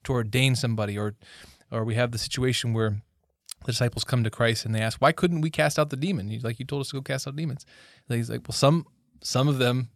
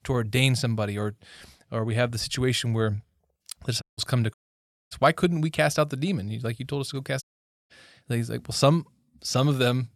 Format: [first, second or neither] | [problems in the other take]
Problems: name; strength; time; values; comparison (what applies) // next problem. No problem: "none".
first | audio cutting out; at 4 s, at 4.5 s for 0.5 s and at 7 s